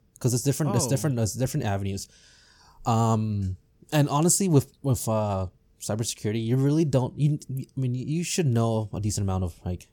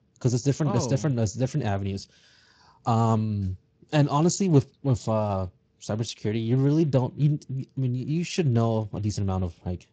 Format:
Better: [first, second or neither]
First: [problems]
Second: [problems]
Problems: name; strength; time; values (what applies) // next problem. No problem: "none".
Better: first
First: none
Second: garbled, watery; slightly; nothing above 7.5 kHz